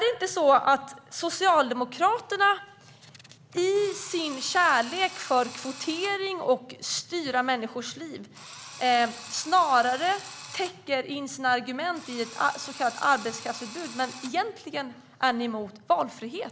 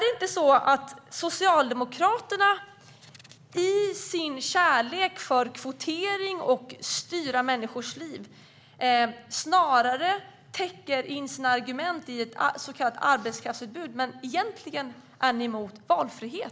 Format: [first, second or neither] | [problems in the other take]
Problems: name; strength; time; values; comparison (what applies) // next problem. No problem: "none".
second | background sound (Drill); 16 dB below the speech